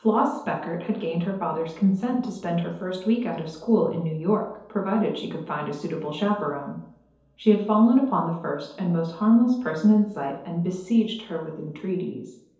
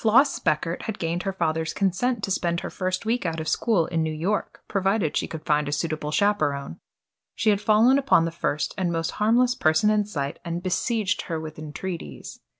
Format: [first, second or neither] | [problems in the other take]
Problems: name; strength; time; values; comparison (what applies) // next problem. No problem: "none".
second | room echo; dies away in 2.2 s